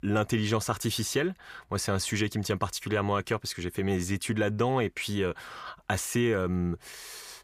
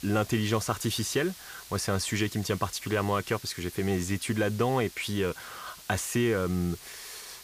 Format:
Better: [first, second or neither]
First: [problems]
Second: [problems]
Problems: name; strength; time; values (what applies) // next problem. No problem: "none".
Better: first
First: none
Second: hiss; noticeable; throughout; 15 dB below the speech